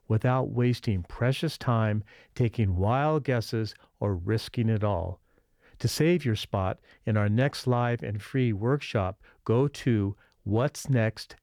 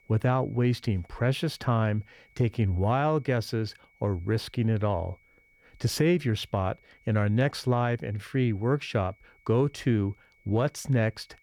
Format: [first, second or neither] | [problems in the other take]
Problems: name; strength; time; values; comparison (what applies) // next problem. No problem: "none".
first | high-pitched whine; faint; throughout; 2 kHz, 35 dB below the speech